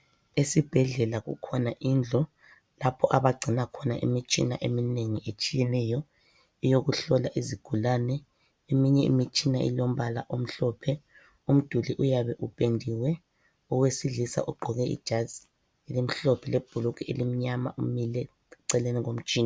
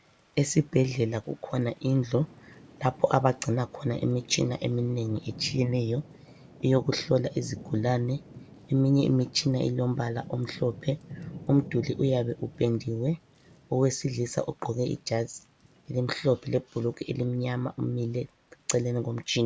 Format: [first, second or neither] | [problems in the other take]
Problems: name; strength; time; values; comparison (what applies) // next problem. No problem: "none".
first | background sound (Thunder / Rain); 20 dB below the speech